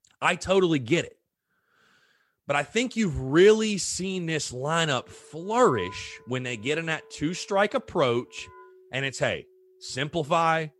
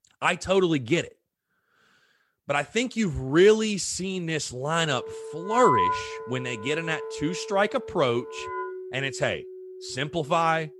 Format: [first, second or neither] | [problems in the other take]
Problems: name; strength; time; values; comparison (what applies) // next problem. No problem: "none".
first | background music; loud; from 5 s on; 7 dB below the speech; faint in the first